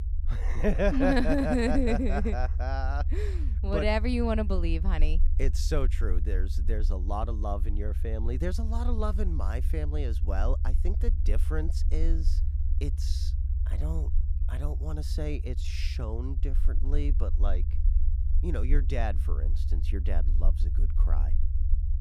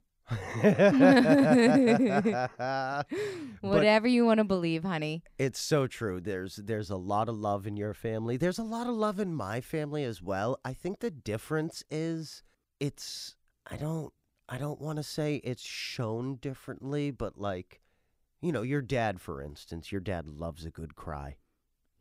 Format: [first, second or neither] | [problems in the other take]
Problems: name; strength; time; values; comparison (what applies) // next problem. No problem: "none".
second | low rumble; noticeable; throughout; 15 dB below the speech